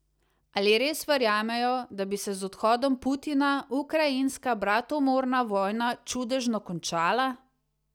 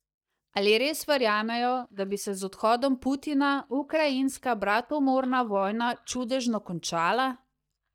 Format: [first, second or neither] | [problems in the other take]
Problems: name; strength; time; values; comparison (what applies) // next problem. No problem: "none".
first | noise reduction (neural mask model DeepFilterNet 3)